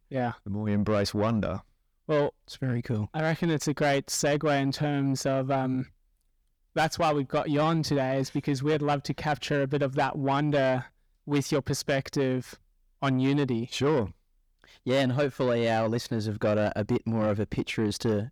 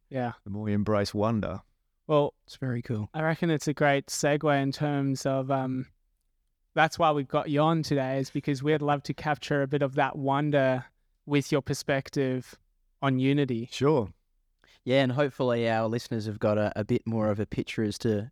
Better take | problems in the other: second | distortion; slight; 10 dB below the speech

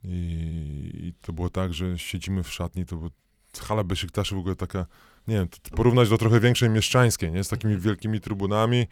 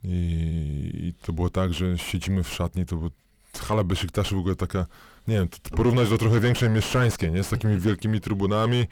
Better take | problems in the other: first | distortion; heavy; 5 dB below the speech

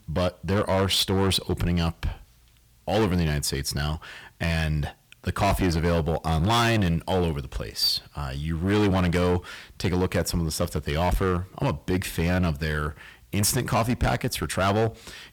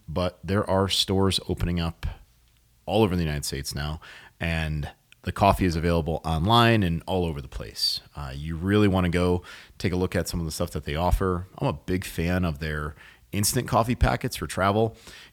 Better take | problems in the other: second | distortion; heavy; 12% of the sound clipped

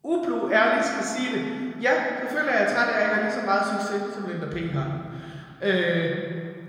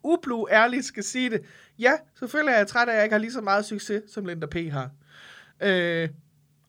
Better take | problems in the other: second | room echo; noticeable; dies away in 2.1 s // off-mic speech; somewhat distant

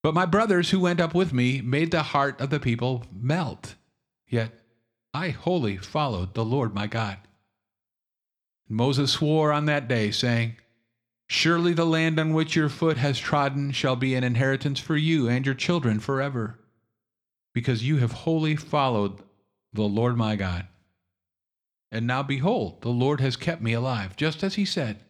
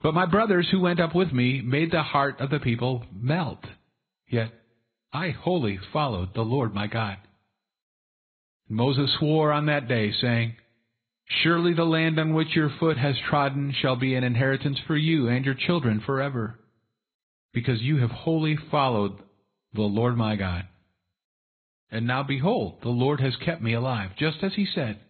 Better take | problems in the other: first | garbled, watery; badly; nothing above 4 kHz

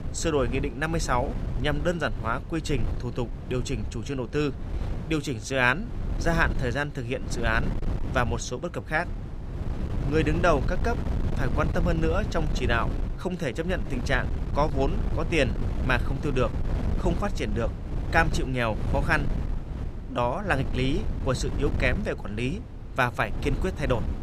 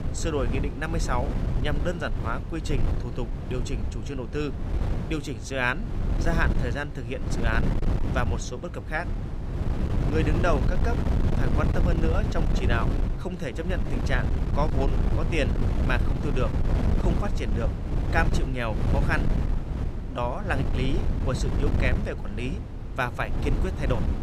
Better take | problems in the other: first | wind noise on the microphone; heavy; 6 dB below the speech; occasional gusts in the first

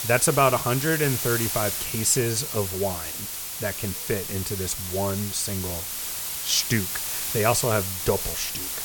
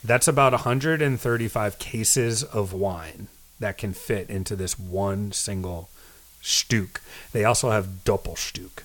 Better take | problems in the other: second | hiss; loud; throughout; 3 dB below the speech; faint in the second

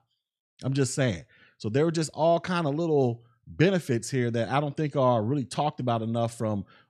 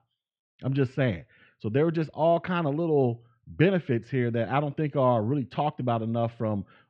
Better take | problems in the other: first | muffled; very; fading above 3 kHz

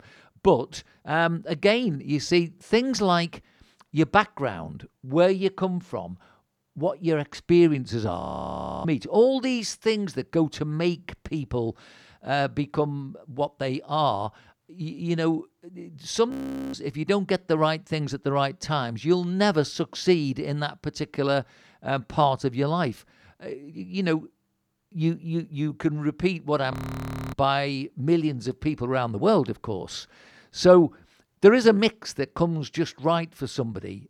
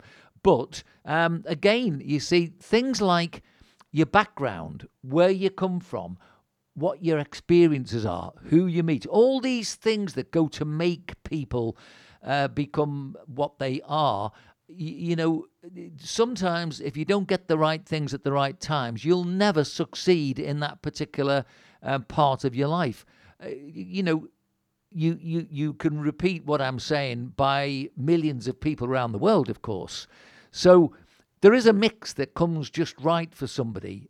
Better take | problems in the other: second | audio freezing; at 8 s for 0.5 s, at 16 s and at 27 s for 0.5 s

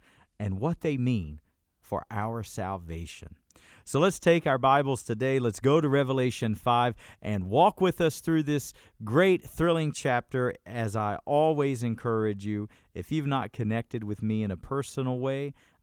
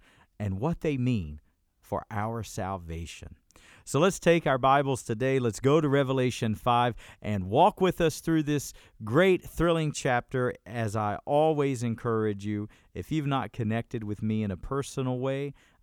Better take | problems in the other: second | garbled, watery; slightly

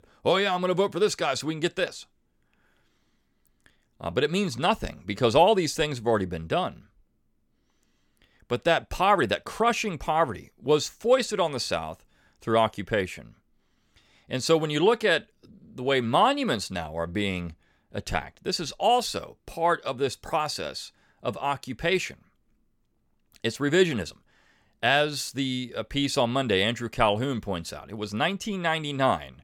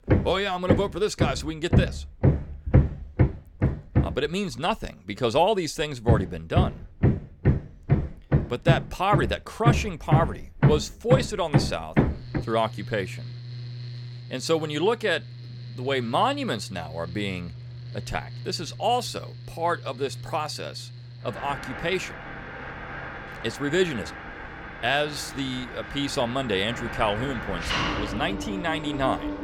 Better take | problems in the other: first | machinery noise; loud; throughout; 1 dB below the speech

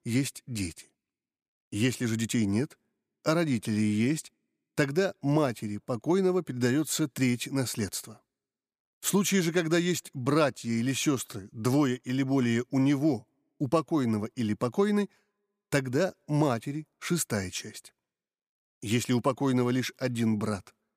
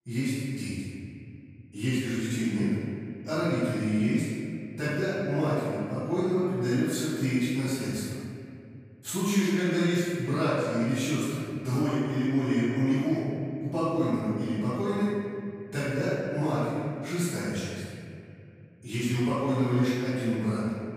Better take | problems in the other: first | off-mic speech; far // room echo; strong; dies away in 2.4 s

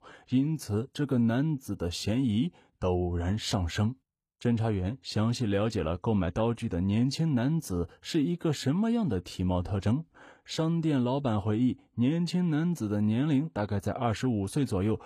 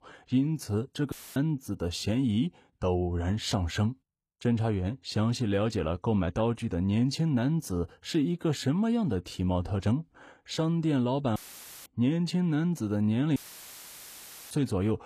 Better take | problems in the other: first | audio cutting out; filled with static; at 1 s, at 11 s for 0.5 s and at 13 s for 1 s

